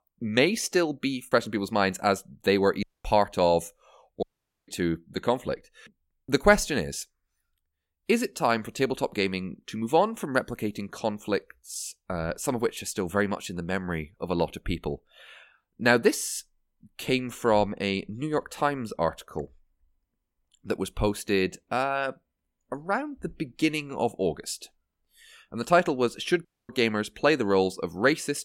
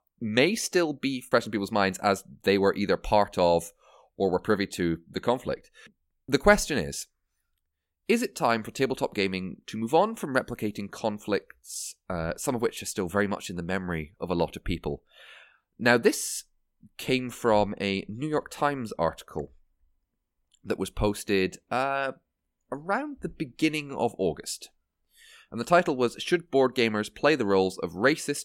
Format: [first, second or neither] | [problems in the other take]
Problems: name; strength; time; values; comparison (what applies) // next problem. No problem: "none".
second | audio cutting out; at 3 s, at 4 s and at 26 s